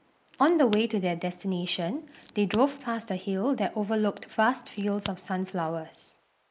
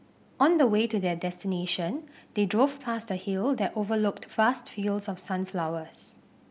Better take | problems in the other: second | noise reduction (neural mask model Resemble Enhance denoiser)

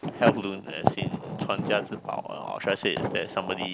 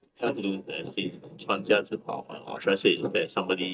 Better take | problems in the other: first | noise reduction (neural mask model DeepFilterNet 3)

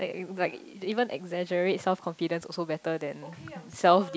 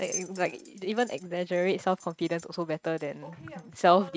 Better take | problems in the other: first | noise reduction (neural mask model RNNoise)

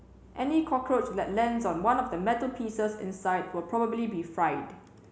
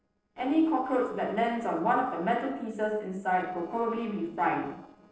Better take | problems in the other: first | noise reduction (neural separator model SepFormer DNS4)

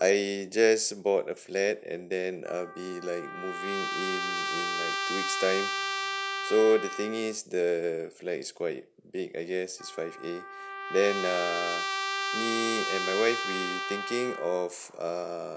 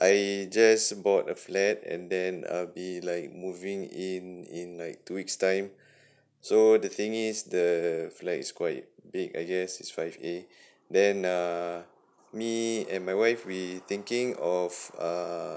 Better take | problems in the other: second | background sound (Trumpet); 5 dB below the speech

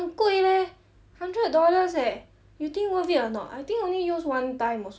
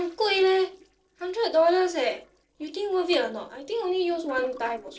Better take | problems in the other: first | noise reduction (neural separator model SepFormer DNS4)

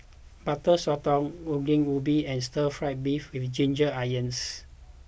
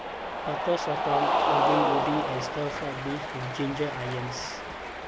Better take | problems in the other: first | background sound (Cheering); 4 dB above the speech

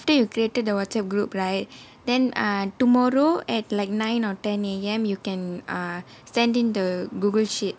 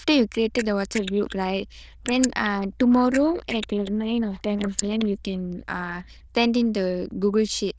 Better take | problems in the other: first | noise reduction (neural diffusion model UNIVERSE++)

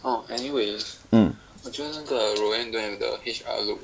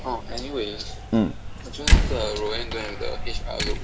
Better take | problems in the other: first | background sound (Slam); 4 dB above the speech

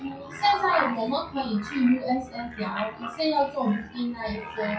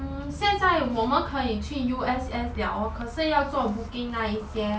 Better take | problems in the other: second | noise reduction (classical method WPE with log-MMSE)

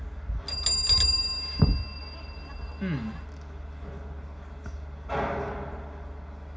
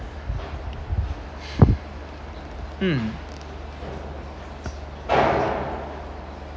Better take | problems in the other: second | background sound (Bell); 1 dB below the speech // room echo; dies away in 0.4 s

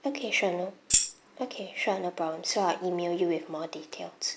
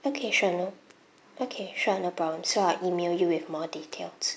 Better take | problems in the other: second | background sound (Tambourine); 4 dB above the speech

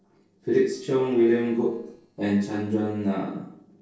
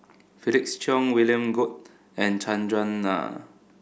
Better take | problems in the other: second | noise reduction (neural separator model SepFormer DNS4)

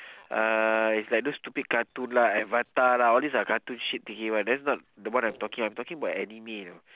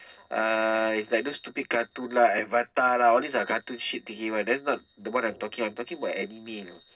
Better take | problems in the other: first | noise reduction (neural separator model SepFormer DNS4)

